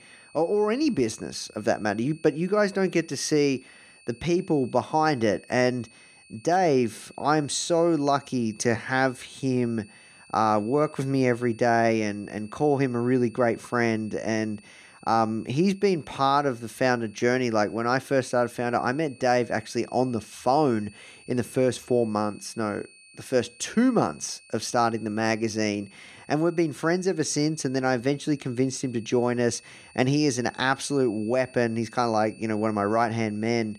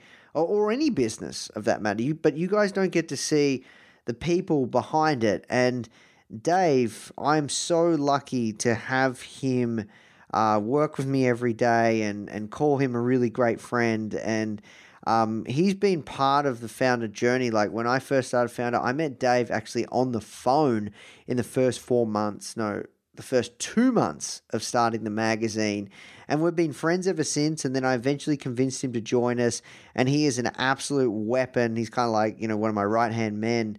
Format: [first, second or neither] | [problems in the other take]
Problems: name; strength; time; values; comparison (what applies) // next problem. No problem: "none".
second | high-pitched whine; faint; throughout; 2.5 kHz, 25 dB below the speech